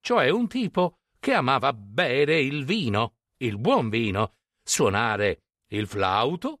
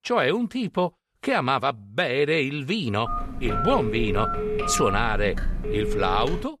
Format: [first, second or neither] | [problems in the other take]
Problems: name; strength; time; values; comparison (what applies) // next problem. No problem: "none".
first | phone ringing; noticeable; from 3 s on; peak 1 dB below the speech